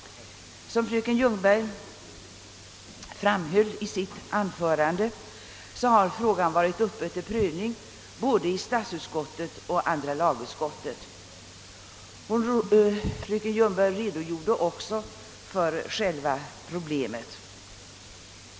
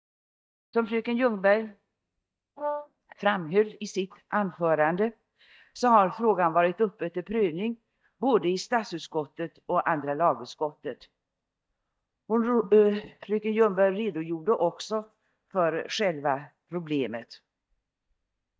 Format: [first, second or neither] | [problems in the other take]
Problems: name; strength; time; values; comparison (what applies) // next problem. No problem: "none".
first | noise reduction (neural mask model DeepFilterNet 3)